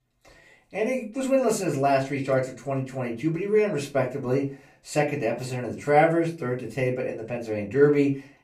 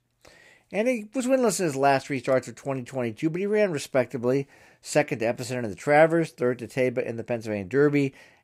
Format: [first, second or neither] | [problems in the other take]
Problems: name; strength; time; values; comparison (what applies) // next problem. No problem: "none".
second | off-mic speech; far // room echo; very slight; dies away in 0.3 s